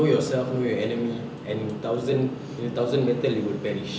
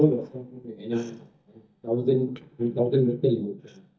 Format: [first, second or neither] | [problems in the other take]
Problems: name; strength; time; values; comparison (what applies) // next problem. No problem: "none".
first | noise reduction (neural mask model DeepFilterNet 3)